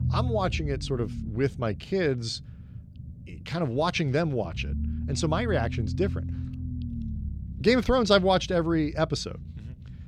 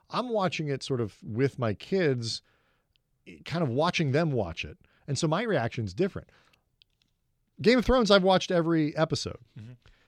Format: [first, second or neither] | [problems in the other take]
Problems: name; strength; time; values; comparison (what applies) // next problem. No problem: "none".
second | low rumble; noticeable; throughout; 20 dB below the speech